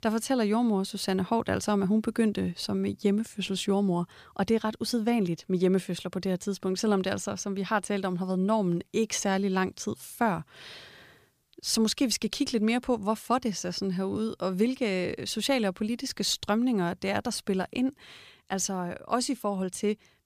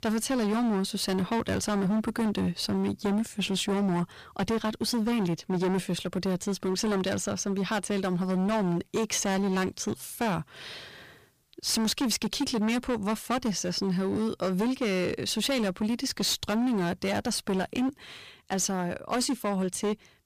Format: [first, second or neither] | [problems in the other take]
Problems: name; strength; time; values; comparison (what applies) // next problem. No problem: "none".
first | distortion; heavy; 19% of the sound clipped